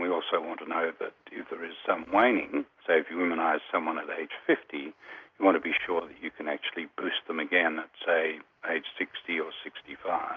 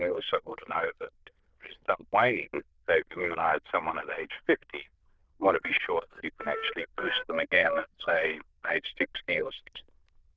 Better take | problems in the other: first | noise reduction (neural diffusion model UNIVERSE++)

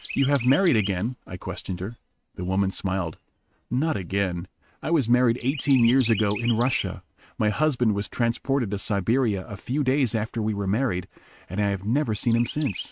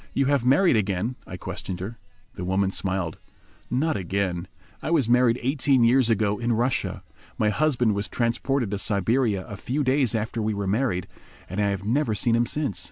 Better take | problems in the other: second | noise reduction (neural mask model RNNoise)

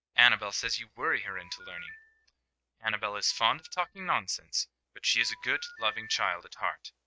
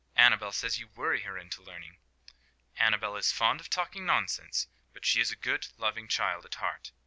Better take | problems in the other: second | noise reduction (neural mask model RNNoise)

